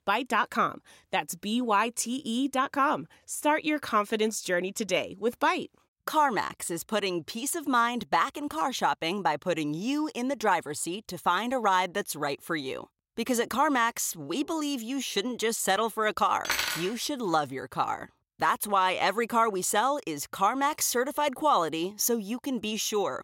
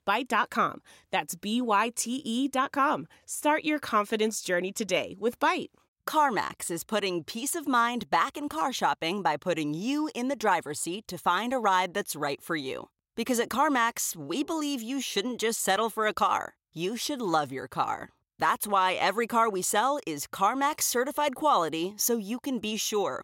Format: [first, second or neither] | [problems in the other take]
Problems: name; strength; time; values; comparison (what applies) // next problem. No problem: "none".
second | clattering dishes; loud; at 16 s; peak level with the speech